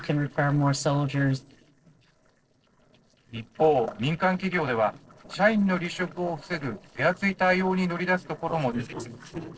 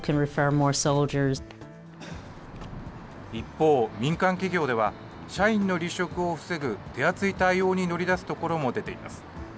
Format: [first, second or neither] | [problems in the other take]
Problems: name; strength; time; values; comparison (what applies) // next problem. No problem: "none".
second | noise reduction (neural separator model SepFormer DNS4)